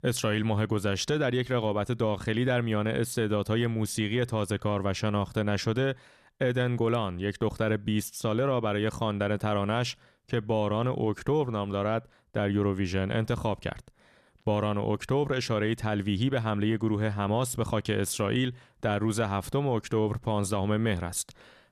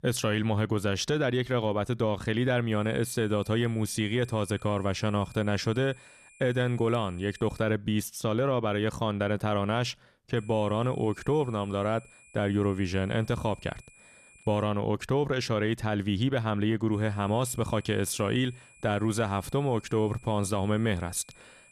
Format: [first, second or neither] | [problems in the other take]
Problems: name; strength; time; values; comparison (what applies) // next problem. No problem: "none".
first | high-pitched whine; faint; from 2.5 to 7.5 s, from 10 to 15 s and from 17 s on; 2.5 kHz, 25 dB below the speech